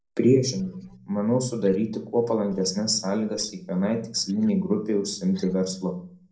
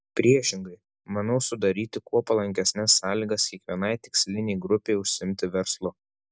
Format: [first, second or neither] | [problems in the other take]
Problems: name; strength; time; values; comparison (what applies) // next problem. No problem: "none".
second | noise reduction (neural separator model SepFormer DNS4)